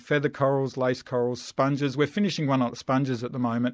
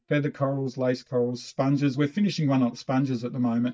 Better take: first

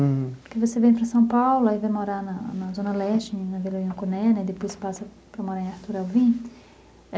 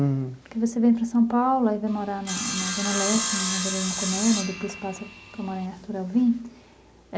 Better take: first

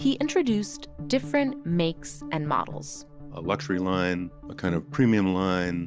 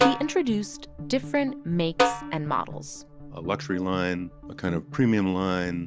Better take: first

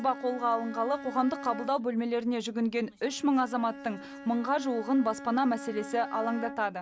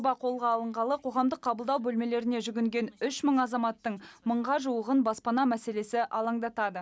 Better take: second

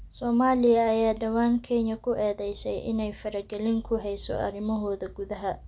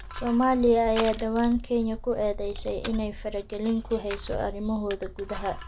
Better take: first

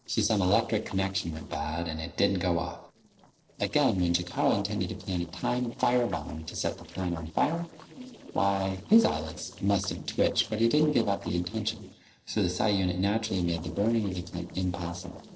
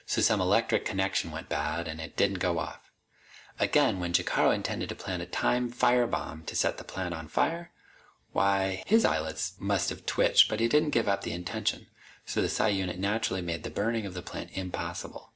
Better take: second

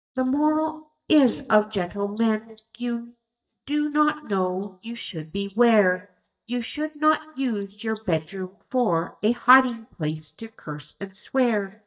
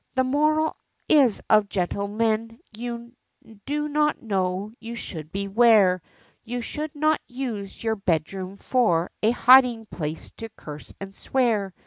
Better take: second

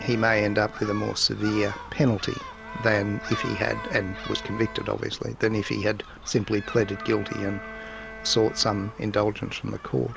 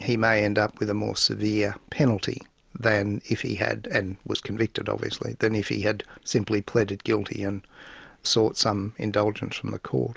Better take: second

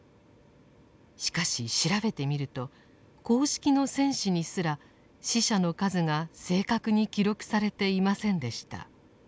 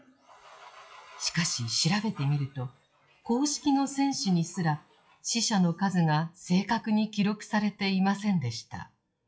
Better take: first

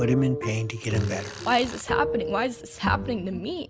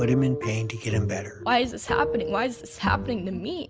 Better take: second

